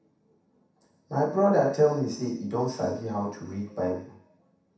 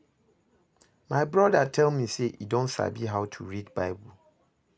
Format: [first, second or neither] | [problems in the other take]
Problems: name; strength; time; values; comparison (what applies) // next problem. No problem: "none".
second | room echo; dies away in 0.7 s